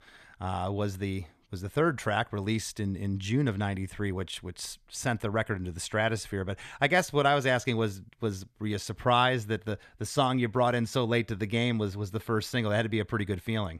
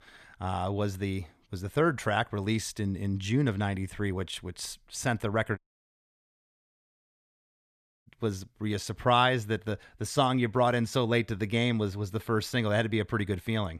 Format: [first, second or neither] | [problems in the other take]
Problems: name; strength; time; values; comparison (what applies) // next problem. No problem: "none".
first | audio cutting out; at 5.5 s for 2.5 s